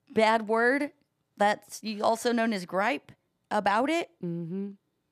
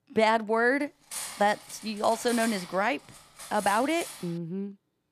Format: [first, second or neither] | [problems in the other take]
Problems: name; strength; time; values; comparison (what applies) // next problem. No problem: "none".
first | clattering dishes; noticeable; from 1 to 4.5 s; peak 7 dB below the speech